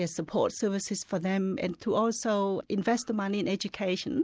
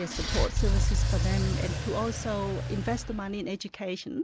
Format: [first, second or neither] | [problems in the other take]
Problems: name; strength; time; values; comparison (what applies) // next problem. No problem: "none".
first | background sound (Engine / Car); 4 dB above the speech